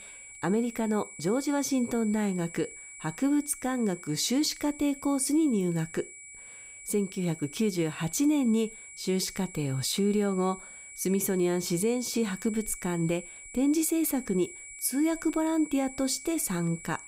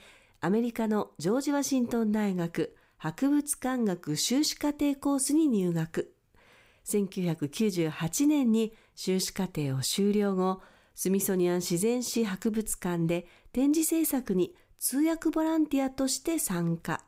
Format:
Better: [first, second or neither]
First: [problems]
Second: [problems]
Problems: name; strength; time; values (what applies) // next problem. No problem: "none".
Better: second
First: high-pitched whine; noticeable; throughout; 2.5 kHz, 15 dB below the speech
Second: none